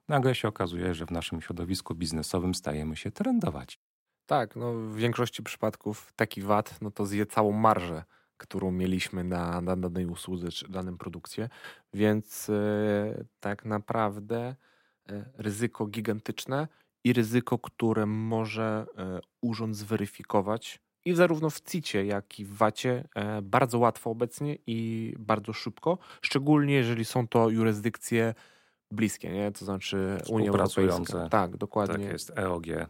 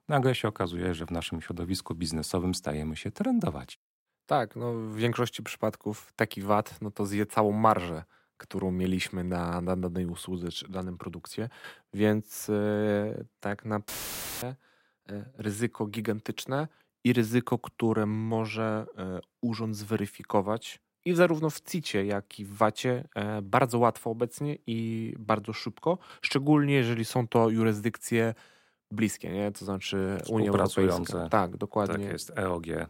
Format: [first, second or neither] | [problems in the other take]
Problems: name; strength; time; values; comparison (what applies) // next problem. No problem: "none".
first | audio cutting out; filled with static; at 14 s for 0.5 s